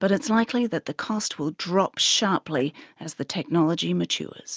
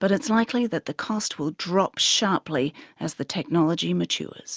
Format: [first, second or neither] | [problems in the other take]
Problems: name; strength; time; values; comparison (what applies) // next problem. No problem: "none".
second | noise reduction (neural mask model DeepFilterNet 3)